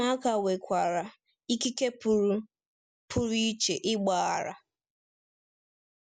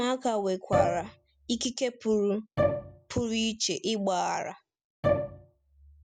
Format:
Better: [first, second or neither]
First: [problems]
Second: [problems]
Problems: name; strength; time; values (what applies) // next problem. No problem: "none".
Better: first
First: none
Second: background sound (Bowed string instrument); as loud as the speech